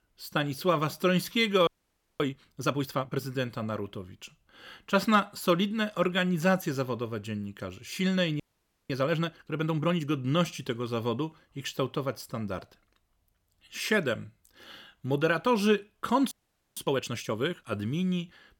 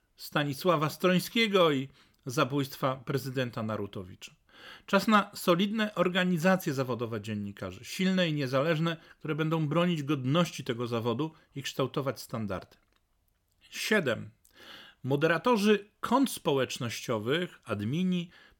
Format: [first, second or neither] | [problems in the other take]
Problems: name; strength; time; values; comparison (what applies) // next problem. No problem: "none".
second | audio freezing; at 1.5 s for 0.5 s, at 8.5 s for 0.5 s and at 16 s